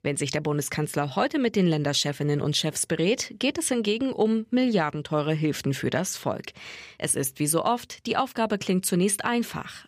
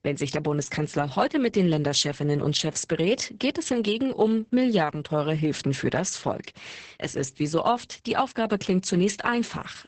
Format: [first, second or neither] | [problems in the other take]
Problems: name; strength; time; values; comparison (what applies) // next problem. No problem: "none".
first | garbled, watery; badly; nothing above 8 kHz